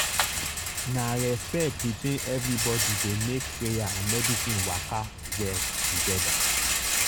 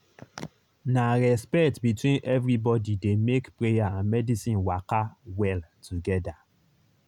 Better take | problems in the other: second | background sound (Rattle); 2 dB above the speech

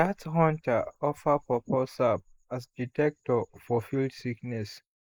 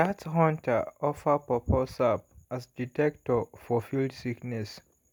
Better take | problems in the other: second | noise reduction (neural mask model Resemble Enhance denoiser)

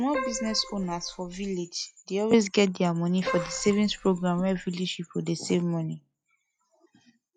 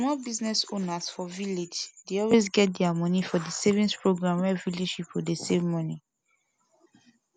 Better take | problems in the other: second | noise reduction (classical method log-MMSE)

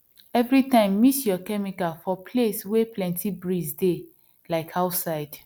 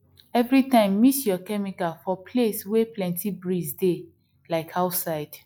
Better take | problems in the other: first | noise reduction (classical method log-MMSE)

